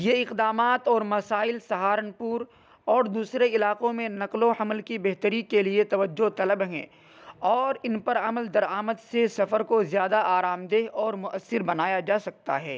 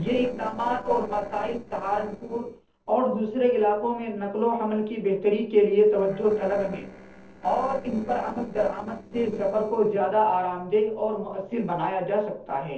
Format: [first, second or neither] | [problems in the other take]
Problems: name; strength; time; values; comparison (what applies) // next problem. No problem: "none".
first | noise reduction (neural separator model SepFormer DNS4)